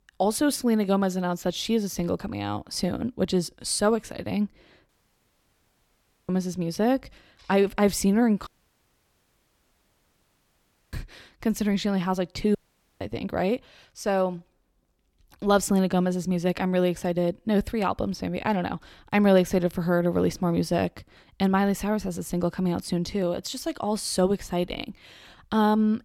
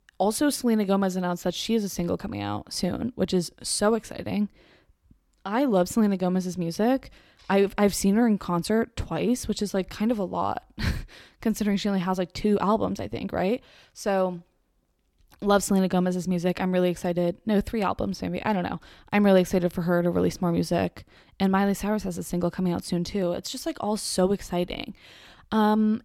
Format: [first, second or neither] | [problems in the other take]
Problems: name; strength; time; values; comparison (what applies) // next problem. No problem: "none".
second | audio cutting out; at 5 s for 1.5 s, at 8.5 s for 2.5 s and at 13 s